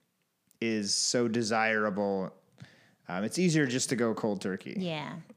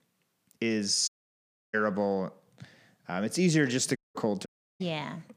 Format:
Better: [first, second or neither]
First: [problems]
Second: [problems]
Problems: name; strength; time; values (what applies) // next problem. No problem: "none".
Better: first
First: none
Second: audio cutting out; at 1 s for 0.5 s, at 4 s and at 4.5 s